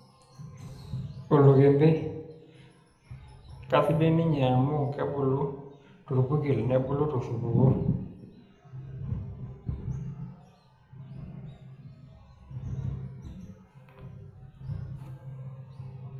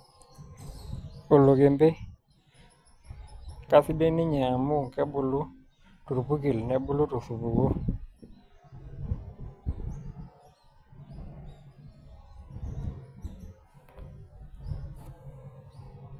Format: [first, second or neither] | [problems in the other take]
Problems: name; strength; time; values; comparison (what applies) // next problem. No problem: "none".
second | room echo; dies away in 0.8 s